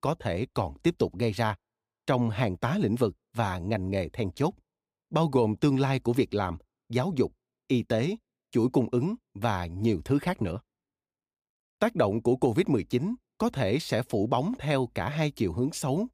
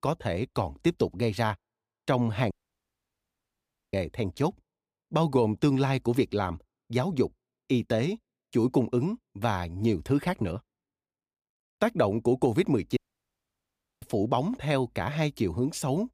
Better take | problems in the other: first | audio cutting out; at 2.5 s for 1.5 s and at 13 s for 1 s

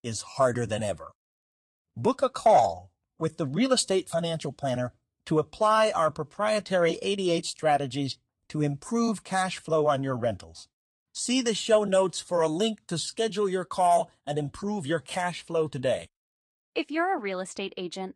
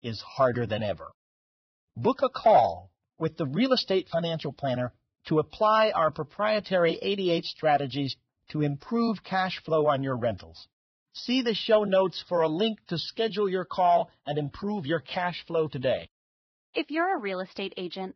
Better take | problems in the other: first | garbled, watery; badly; nothing above 5 kHz; slightly in the first

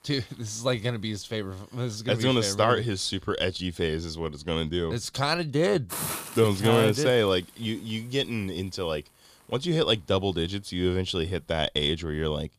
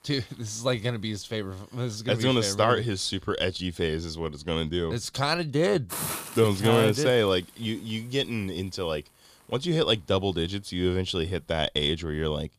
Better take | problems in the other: neither | hiss; noticeable; throughout; 10 dB below the speech; the same in both

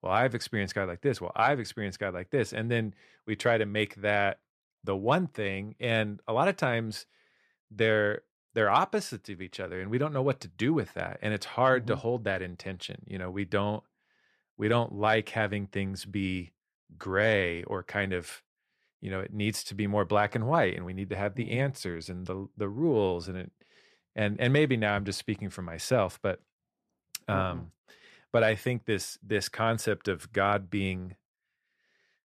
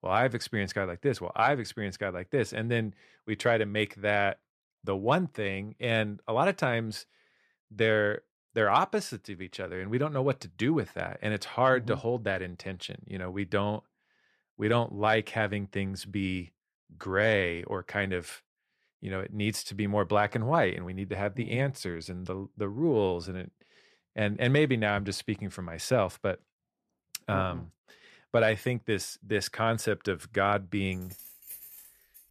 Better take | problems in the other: first | jangling keys; faint; from 31 s on; peak 15 dB below the speech

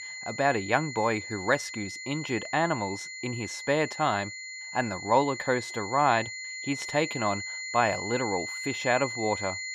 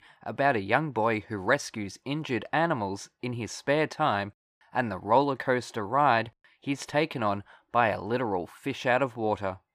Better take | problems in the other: second | high-pitched whine; loud; throughout; 2 kHz, 7 dB below the speech

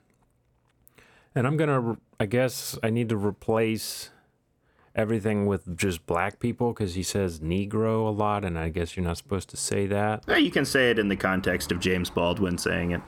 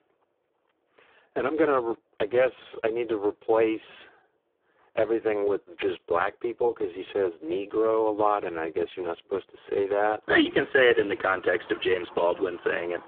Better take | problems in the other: first | phone-call audio; poor line

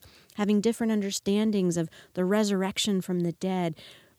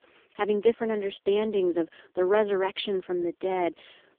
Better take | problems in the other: first | phone-call audio; poor line

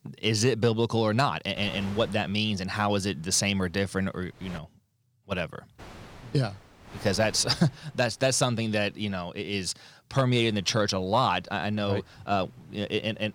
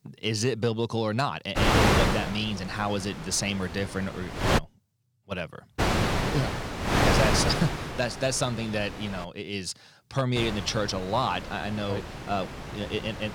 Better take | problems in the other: first | wind noise on the microphone; heavy; from 1.5 to 4.5 s, from 6 to 9 s and from 10 s on; 3 dB above the speech; occasional gusts in the first

